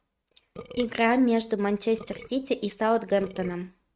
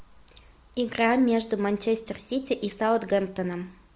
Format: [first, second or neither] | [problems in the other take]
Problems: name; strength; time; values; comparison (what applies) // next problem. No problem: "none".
second | noise reduction (neural mask model RNNoise)